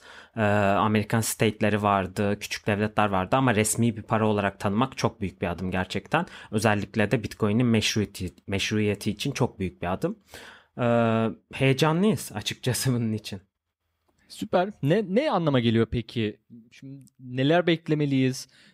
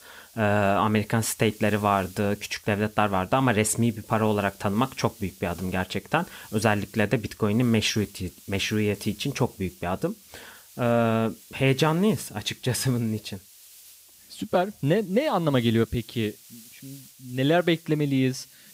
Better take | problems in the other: first | hiss; faint; throughout; 20 dB below the speech

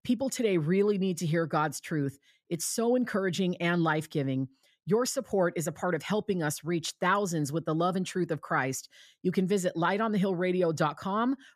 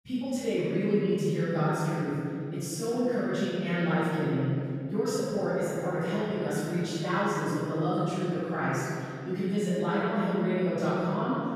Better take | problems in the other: first | off-mic speech; far // room echo; strong; dies away in 2.9 s

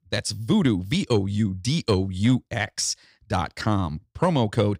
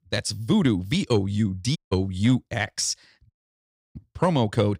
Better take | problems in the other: first | audio cutting out; at 2 s and at 3.5 s for 0.5 s

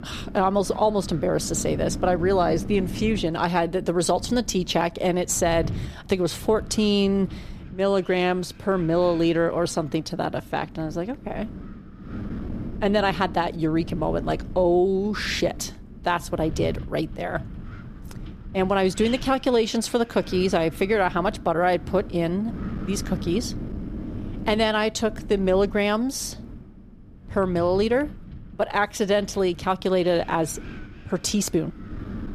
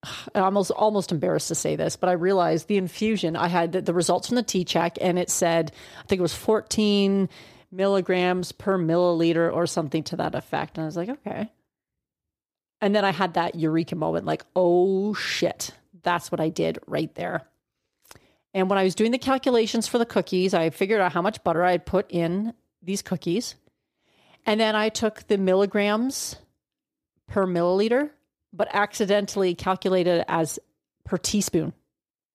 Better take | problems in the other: second | wind noise on the microphone; occasional gusts; 20 dB below the speech

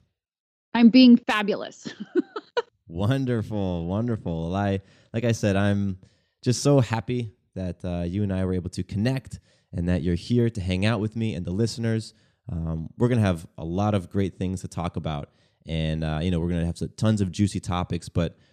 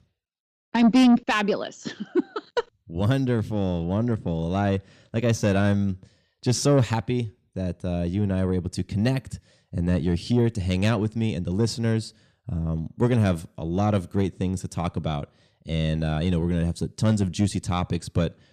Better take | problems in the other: first | distortion; slight; 10 dB below the speech

